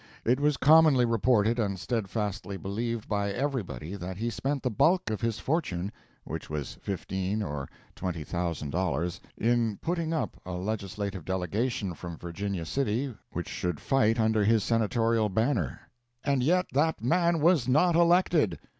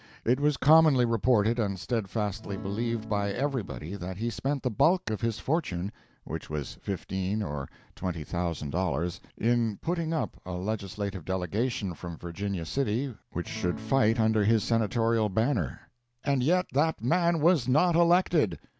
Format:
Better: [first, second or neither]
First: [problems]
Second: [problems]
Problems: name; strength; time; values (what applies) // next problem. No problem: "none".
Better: first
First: none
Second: background sound (Acoustic guitar / Strum); 14 dB below the speech